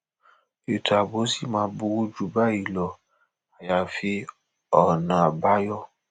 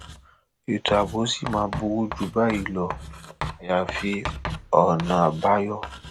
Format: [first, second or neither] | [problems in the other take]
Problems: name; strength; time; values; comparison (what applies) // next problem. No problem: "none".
first | background sound (Writing); 11 dB below the speech